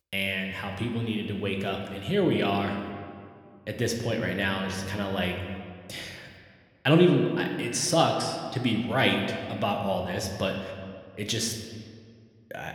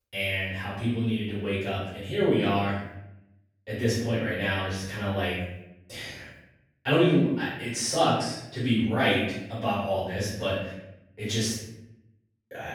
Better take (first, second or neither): first